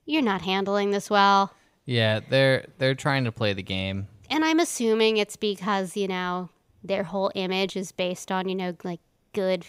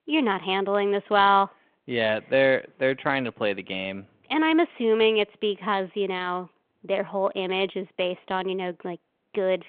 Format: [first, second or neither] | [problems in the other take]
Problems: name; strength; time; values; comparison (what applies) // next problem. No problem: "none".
first | phone-call audio